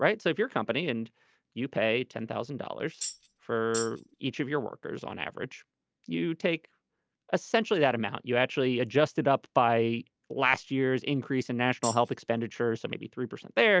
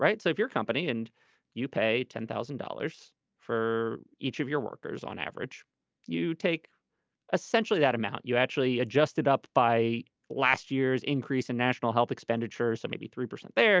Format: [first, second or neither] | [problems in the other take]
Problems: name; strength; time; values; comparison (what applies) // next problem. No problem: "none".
second | background sound (Tambourine); 9 dB below the speech